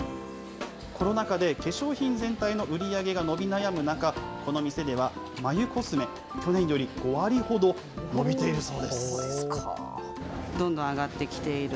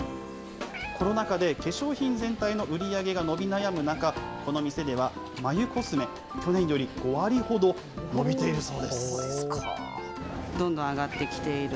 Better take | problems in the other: first | background sound (Meow); 18 dB below the speech

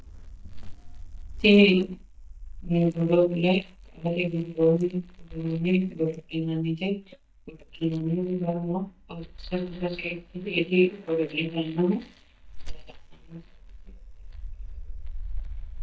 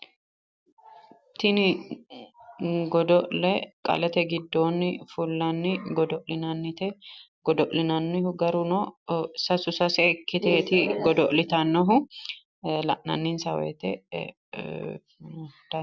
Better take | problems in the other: second | noise reduction (neural mask model DeepFilterNet 3)

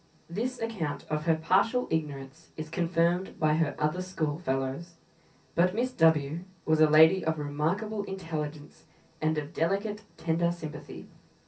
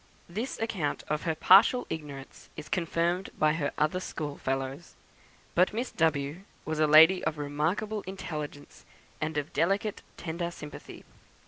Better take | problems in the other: second | room echo; dies away in 0.3 s

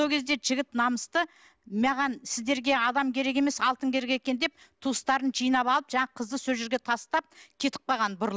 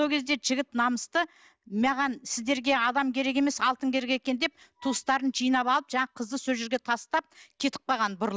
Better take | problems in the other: first | noise reduction (neural mask model DeepFilterNet 3)

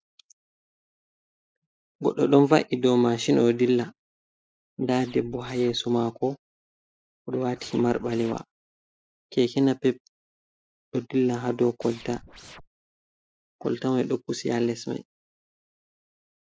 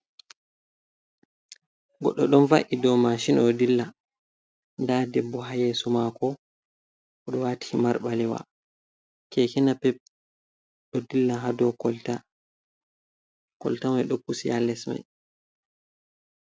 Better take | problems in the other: second | noise reduction (neural mask model Resemble Enhance denoiser)

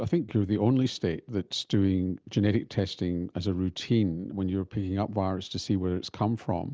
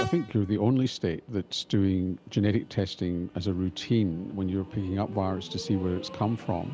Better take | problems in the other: first | background sound (Train); 16 dB below the speech

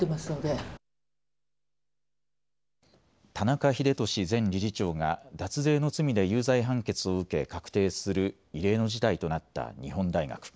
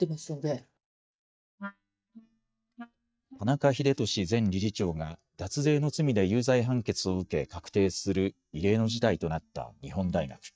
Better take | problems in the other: first | noise reduction (neural mask model DeepFilterNet 3)

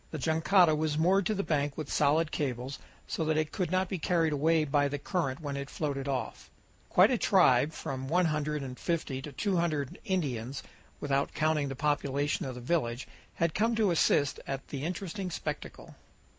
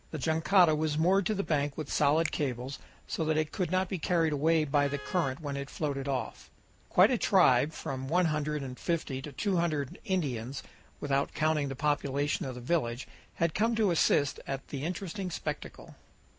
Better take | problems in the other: first | background sound (Finger snapping + Vehicle horn, car horn, honking); 19 dB below the speech

